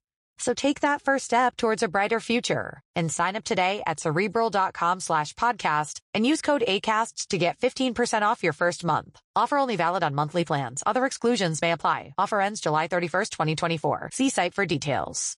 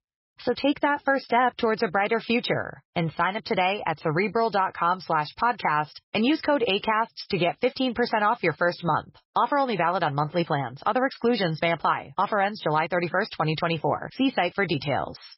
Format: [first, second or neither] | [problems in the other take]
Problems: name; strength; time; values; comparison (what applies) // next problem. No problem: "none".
first | garbled, watery; badly; nothing above 5.5 kHz; slightly in the first